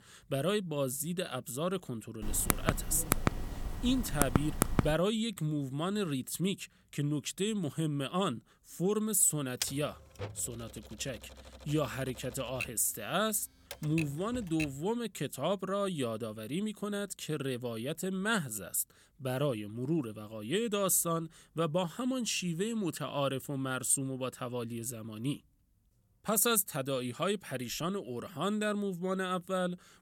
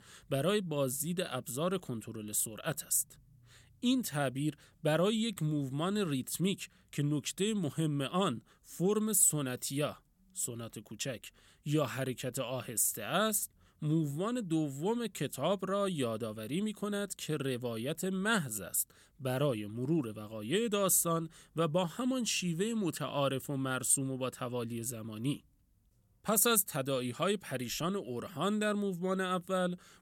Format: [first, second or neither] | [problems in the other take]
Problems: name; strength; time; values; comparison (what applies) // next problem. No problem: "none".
second | keyboard typing; loud; from 2 to 5 s; peak 2 dB above the speech // keyboard typing; noticeable; from 9.5 to 15 s; peak 4 dB below the speech